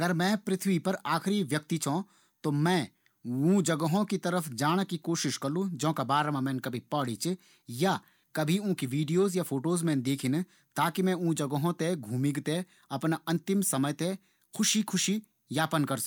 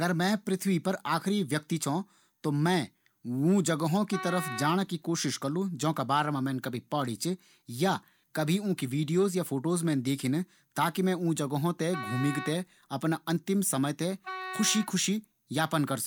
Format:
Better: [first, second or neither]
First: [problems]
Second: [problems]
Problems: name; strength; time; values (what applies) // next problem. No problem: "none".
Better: first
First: none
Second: background sound (Wind instrument, woodwind instrument); 11 dB below the speech